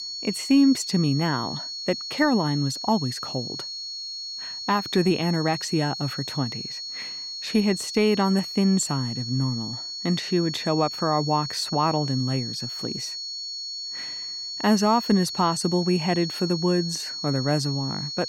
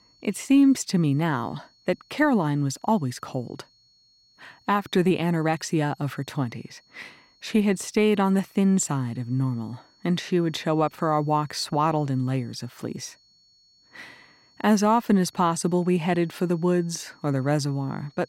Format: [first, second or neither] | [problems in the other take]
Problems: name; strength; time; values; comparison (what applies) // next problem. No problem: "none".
second | high-pitched whine; loud; throughout; 4.5 kHz, 6 dB below the speech; faint in the second